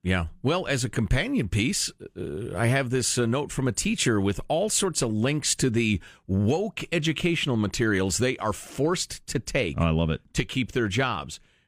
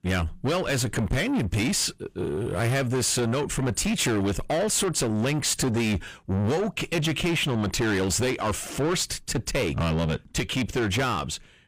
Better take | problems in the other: first | distortion; heavy; 8 dB below the speech

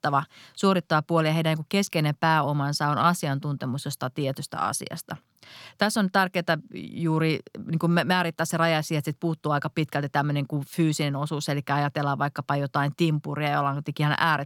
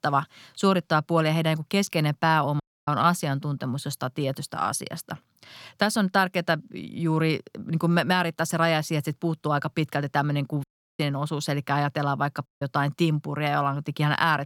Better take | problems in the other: first | audio cutting out; at 2.5 s, at 11 s and at 12 s

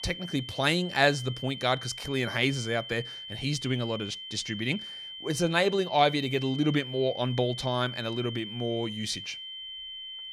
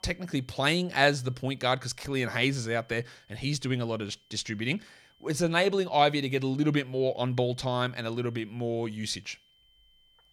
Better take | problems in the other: second | high-pitched whine; loud; throughout; 3 kHz, 10 dB below the speech; faint in the second

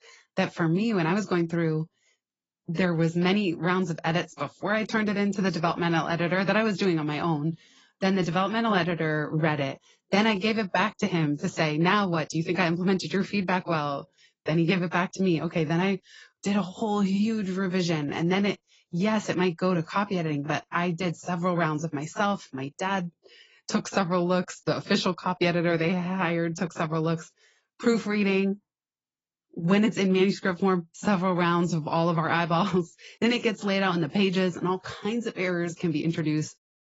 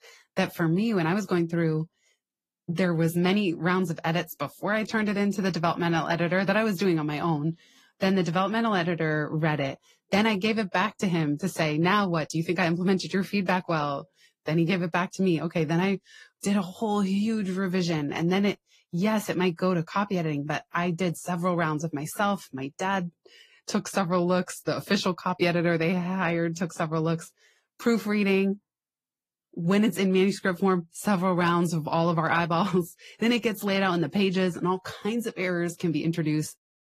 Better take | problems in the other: second | garbled, watery; badly; nothing above 7.5 kHz; slightly in the second

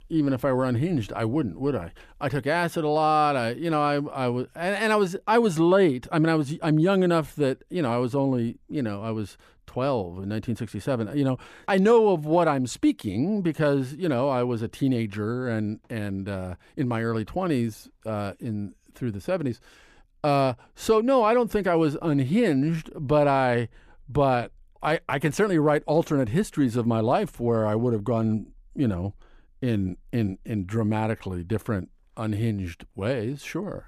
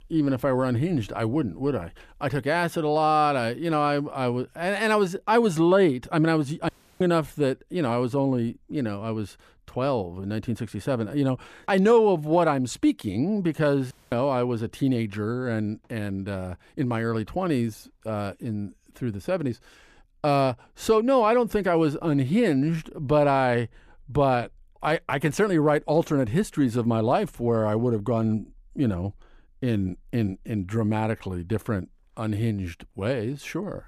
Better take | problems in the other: first | audio cutting out; at 6.5 s and at 14 s

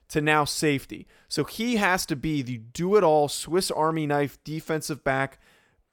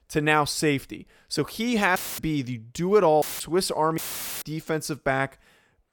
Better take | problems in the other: first | audio cutting out; filled with static; at 2 s, at 3 s and at 4 s

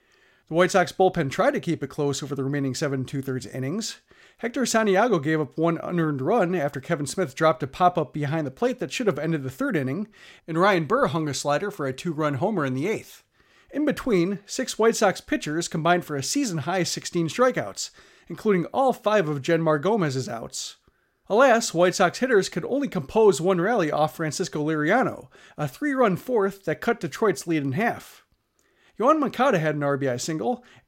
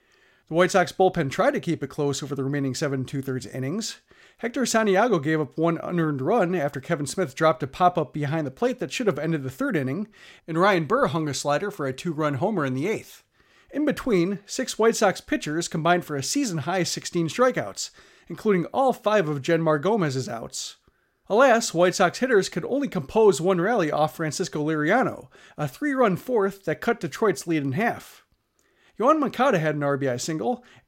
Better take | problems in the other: neither | none

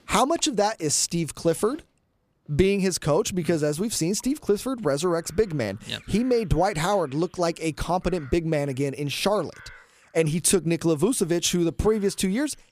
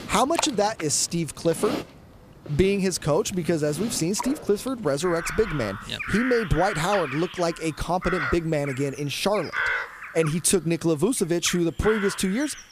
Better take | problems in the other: first | animal sounds; loud; throughout; 8 dB below the speech; faint in the first

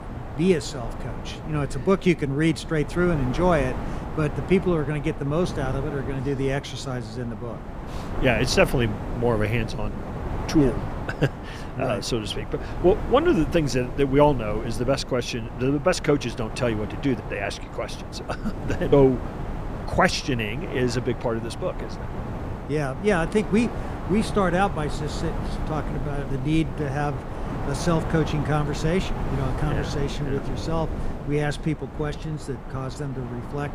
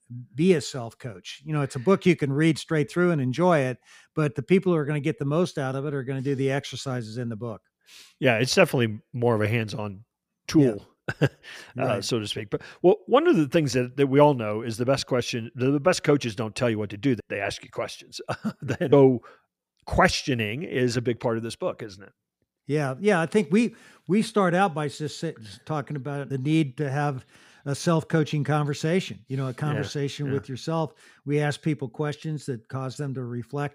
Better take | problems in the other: second | wind noise on the microphone; occasional gusts; 10 dB below the speech

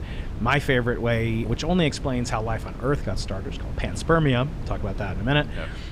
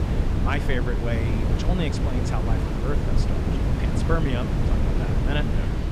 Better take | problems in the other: first | wind noise on the microphone; heavy; 1 dB below the speech; occasional gusts in the first

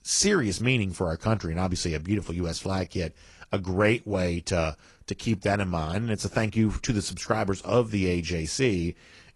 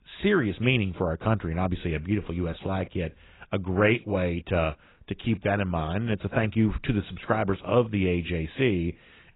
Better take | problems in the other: first | garbled, watery; badly; nothing above 4 kHz; slightly in the first

